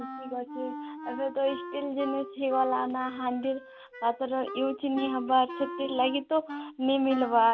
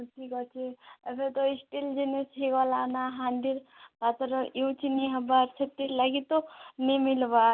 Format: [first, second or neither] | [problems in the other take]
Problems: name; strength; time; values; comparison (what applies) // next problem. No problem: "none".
second | background sound (Wind instrument, woodwind instrument); 12 dB below the speech